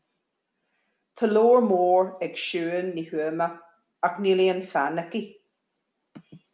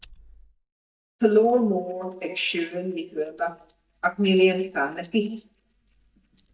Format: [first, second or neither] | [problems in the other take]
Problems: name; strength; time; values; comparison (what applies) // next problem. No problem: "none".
first | noise reduction (neural mask model DeepFilterNet 3)